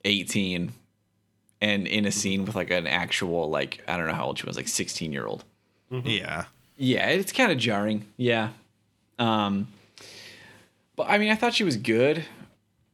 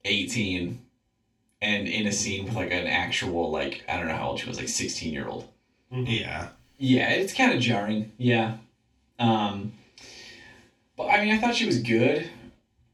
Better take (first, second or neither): first